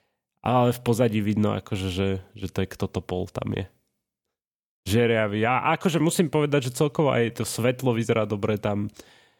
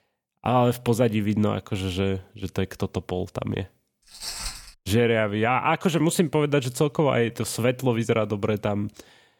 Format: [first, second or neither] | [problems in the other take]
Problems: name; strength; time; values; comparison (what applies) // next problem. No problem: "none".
first | footsteps; noticeable; at 4 s; peak 7 dB below the speech